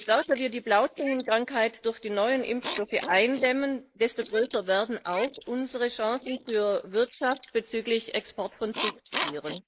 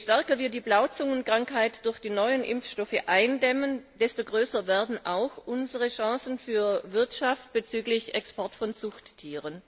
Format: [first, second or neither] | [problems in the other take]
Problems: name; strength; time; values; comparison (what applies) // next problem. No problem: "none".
second | noise reduction (neural mask model Resemble Enhance denoiser)